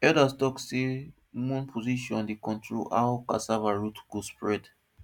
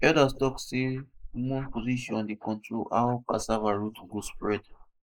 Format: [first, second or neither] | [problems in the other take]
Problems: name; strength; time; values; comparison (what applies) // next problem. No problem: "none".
first | noise reduction (neural mask model Resemble Enhance denoiser)